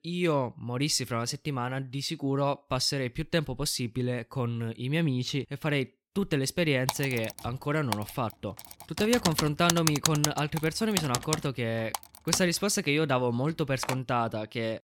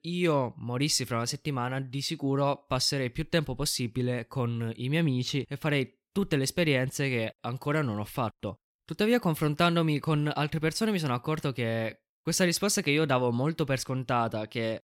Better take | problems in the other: second | keyboard typing; loud; from 7 to 14 s; peak 2 dB above the speech

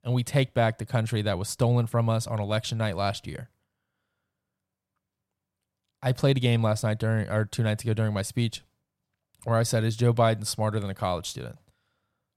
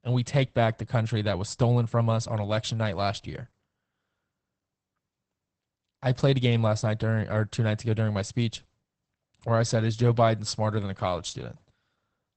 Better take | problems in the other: first | garbled, watery; badly; nothing above 8 kHz

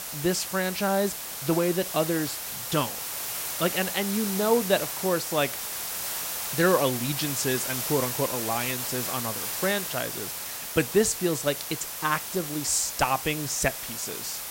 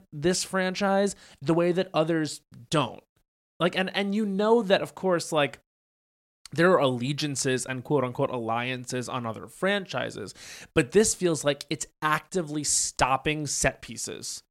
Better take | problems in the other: second | hiss; loud; throughout; 3 dB below the speech

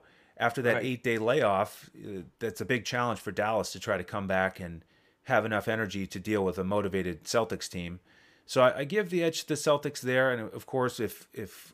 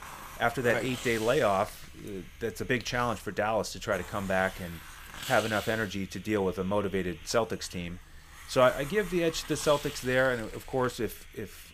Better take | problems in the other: first | hiss; noticeable; throughout; 15 dB below the speech

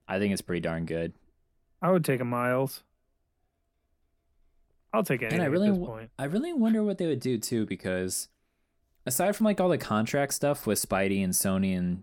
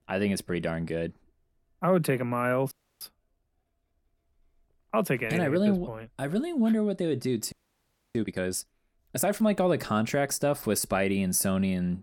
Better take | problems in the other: first | audio freezing; at 2.5 s and at 7.5 s for 0.5 s

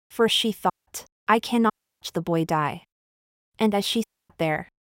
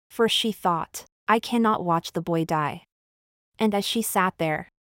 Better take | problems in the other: second | audio cutting out; at 0.5 s, at 1.5 s and at 4 s

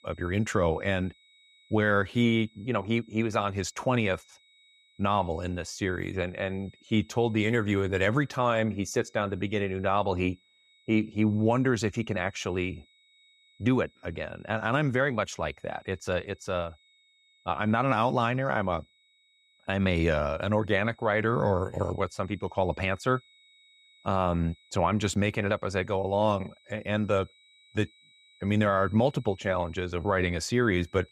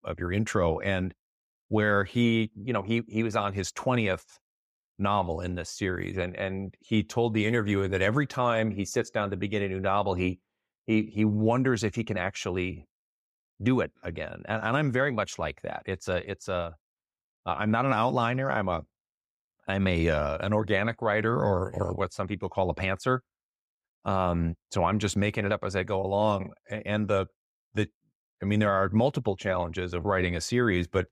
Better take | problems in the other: second | high-pitched whine; faint; throughout; 4 kHz, 30 dB below the speech

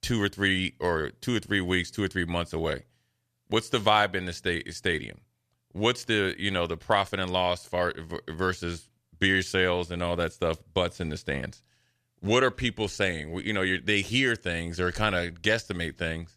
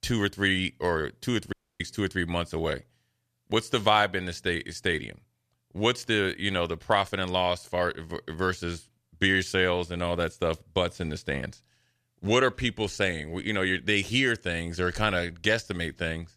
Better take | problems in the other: first | audio cutting out; at 1.5 s

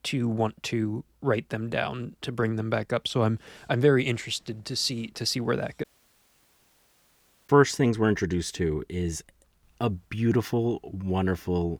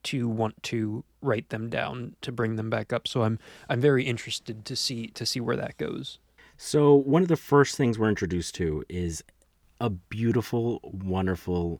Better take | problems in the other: second | audio cutting out; at 6 s for 1.5 s

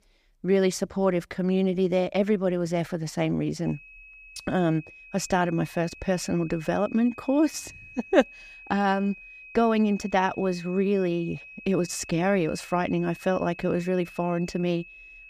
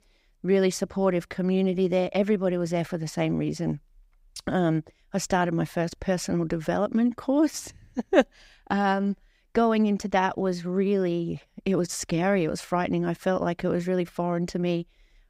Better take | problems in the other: second | high-pitched whine; noticeable; from 3.5 s on; 2.5 kHz, 20 dB below the speech

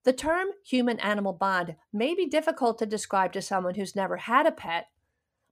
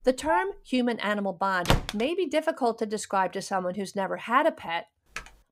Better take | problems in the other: first | phone ringing; noticeable; at the start; peak 3 dB below the speech // door banging; loud; at 1.5 s; peak 1 dB above the speech // keyboard typing; faint; at 5 s; peak 15 dB below the speech

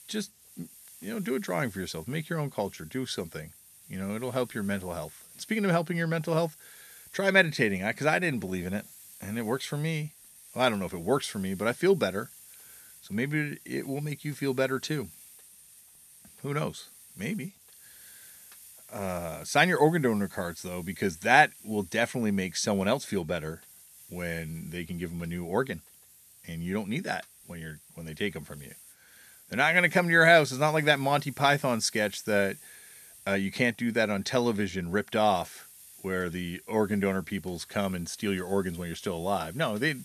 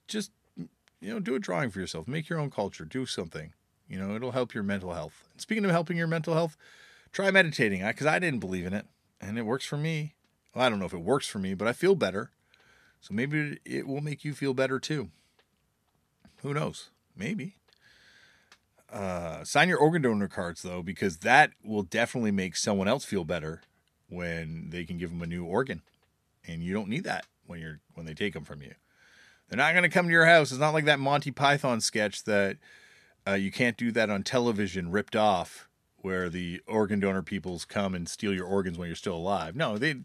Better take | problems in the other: second | hiss; faint; throughout; 20 dB below the speech

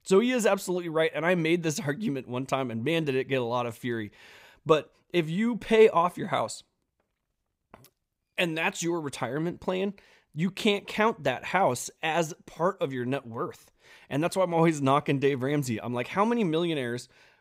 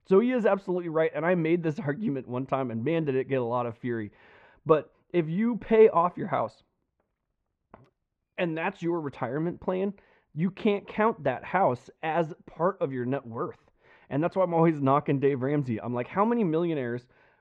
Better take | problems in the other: first | muffled; very; fading above 1.5 kHz

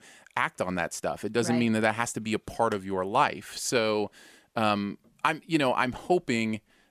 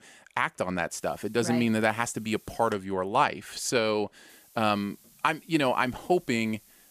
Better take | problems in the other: first | hiss; faint; from 1 to 2.5 s and from 4.5 s on; 25 dB below the speech

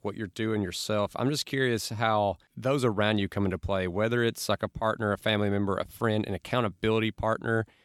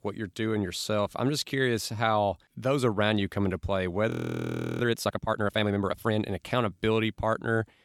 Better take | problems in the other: first | audio freezing; at 4 s for 0.5 s

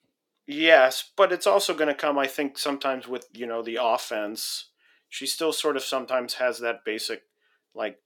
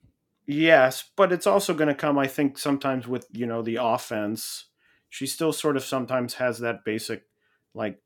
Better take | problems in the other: second | thin; somewhat; fading below 450 Hz

